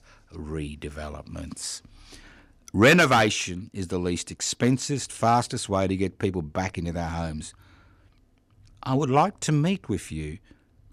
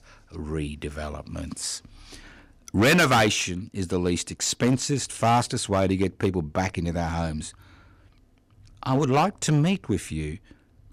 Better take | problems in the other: first | distortion; slight; 5% of the sound clipped

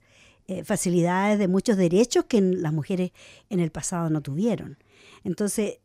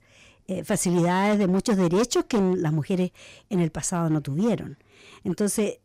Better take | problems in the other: first | distortion; slight; 9% of the sound clipped

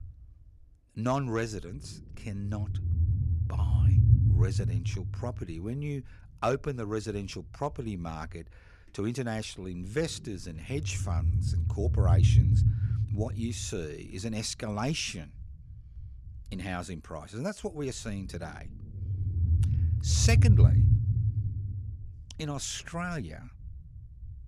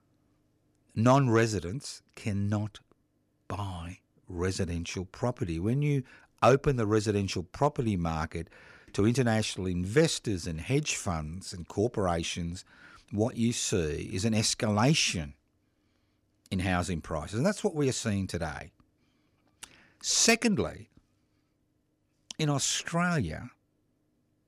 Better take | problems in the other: second | low rumble; loud; throughout; 4 dB below the speech

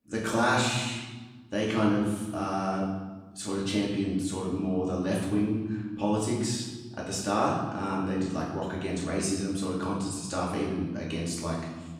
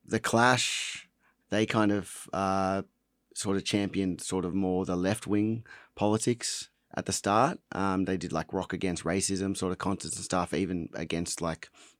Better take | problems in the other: second | room echo; noticeable; dies away in 1.3 s // off-mic speech; far

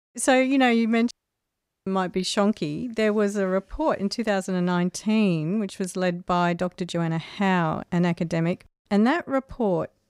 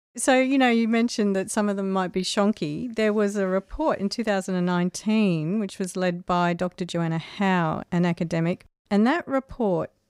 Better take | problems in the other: second | audio cutting out; at 1 s for 1 s

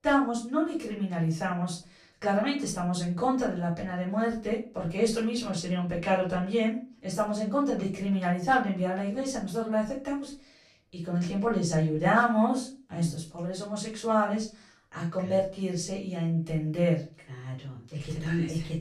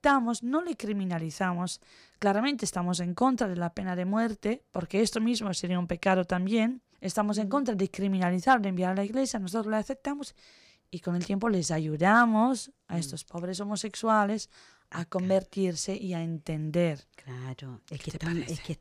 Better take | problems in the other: second | off-mic speech; far // room echo; slight; dies away in 0.3 s

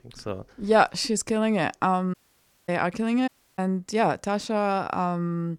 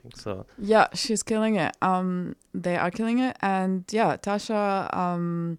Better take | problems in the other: second | audio cutting out; at 2 s for 0.5 s and at 3.5 s

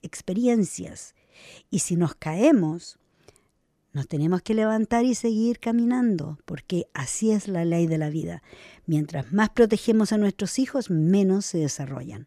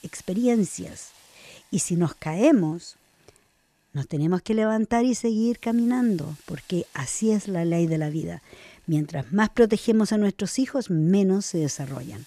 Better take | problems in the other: first | hiss; faint; throughout; 30 dB below the speech

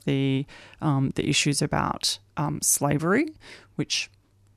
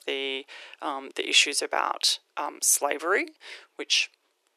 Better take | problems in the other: first | thin; very; fading below 400 Hz

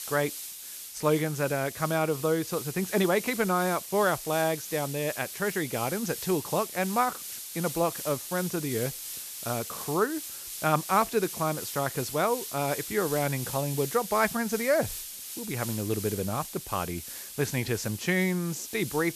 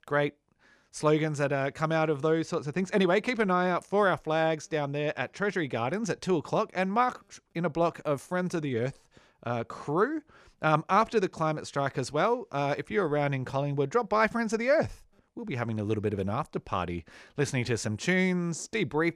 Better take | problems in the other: second | hiss; loud; throughout; 7 dB below the speech

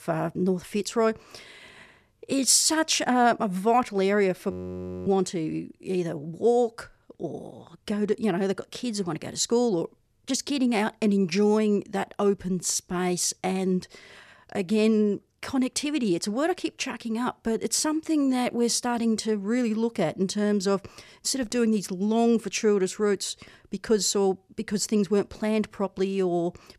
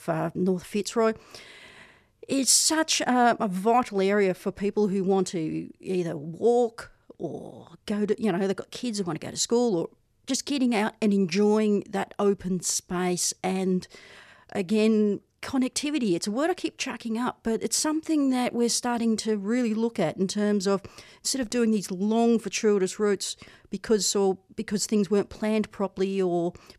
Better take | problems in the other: second | audio freezing; at 4.5 s for 0.5 s

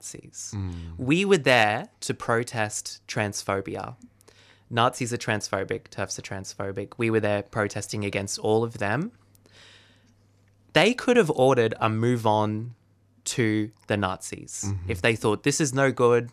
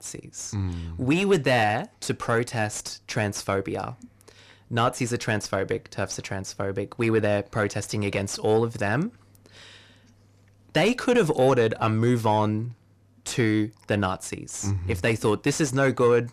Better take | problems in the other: first | distortion; slight; 10 dB below the speech

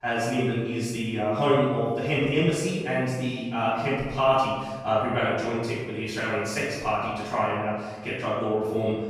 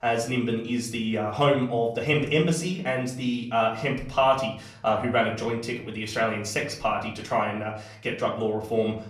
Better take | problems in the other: second | room echo; strong; dies away in 1.3 s; slight in the second // off-mic speech; far; far in the second

